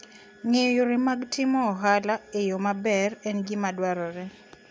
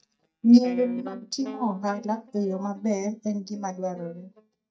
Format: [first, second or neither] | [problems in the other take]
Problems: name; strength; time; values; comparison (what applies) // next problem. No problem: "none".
first | noise reduction (neural mask model DeepFilterNet 3)